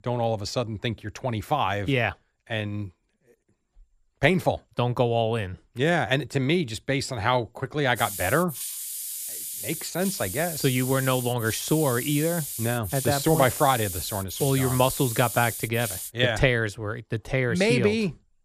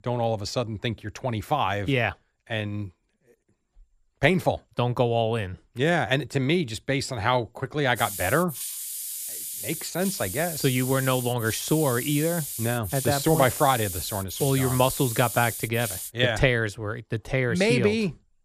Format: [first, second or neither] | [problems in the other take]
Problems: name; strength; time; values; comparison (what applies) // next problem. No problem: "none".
neither | hiss; loud; from 8 to 16 s; 6 dB below the speech; the same in both